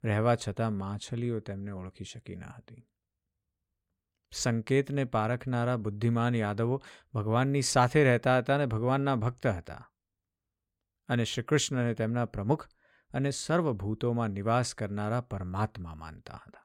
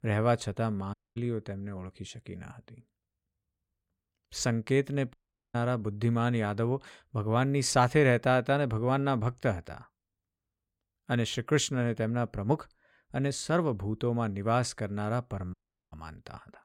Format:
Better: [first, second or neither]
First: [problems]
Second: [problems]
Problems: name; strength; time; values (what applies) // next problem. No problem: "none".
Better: first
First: none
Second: audio cutting out; at 1 s, at 5 s and at 16 s